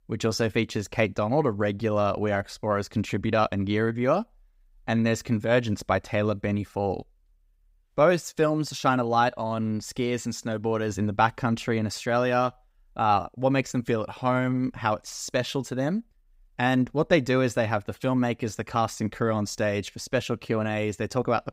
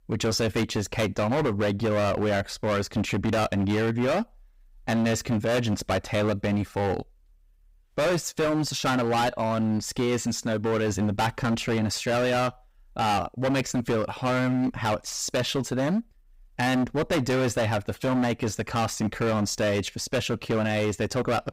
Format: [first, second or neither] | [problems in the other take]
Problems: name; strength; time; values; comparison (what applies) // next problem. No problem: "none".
first | distortion; heavy; 21% of the sound clipped